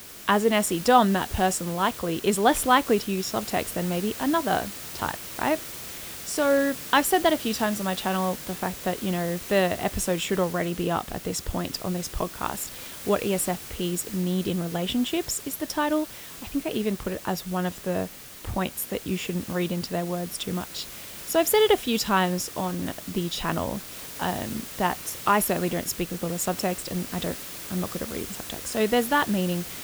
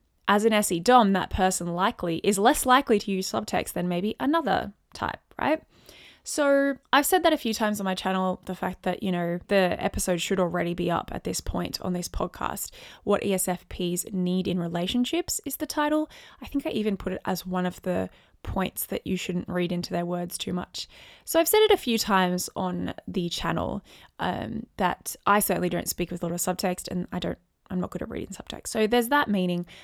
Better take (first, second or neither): second